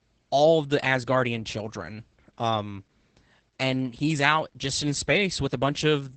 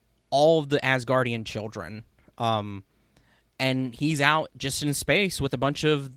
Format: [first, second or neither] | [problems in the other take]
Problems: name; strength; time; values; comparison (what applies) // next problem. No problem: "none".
second | garbled, watery; badly; nothing above 8 kHz; slightly in the second